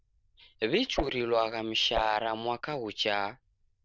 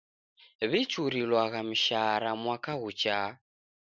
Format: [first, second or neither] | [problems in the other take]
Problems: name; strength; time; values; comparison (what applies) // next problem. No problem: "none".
second | noise reduction (neural diffusion model UNIVERSE++)